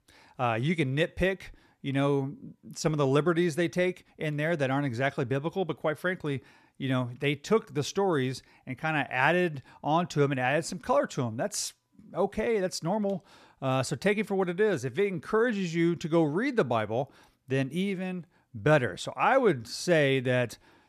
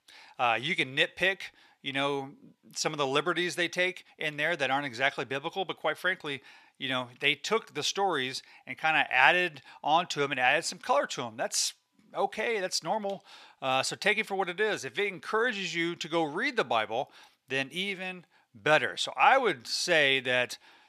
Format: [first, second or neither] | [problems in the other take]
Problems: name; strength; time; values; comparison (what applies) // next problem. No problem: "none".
first | thin; somewhat; fading below 650 Hz